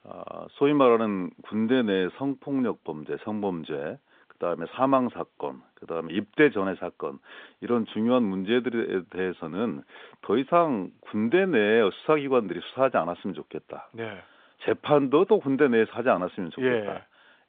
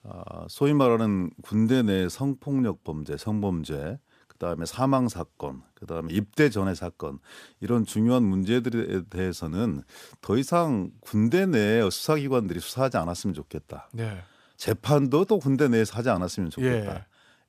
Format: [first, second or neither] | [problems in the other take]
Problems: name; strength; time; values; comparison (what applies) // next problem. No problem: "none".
second | phone-call audio; nothing above 3.5 kHz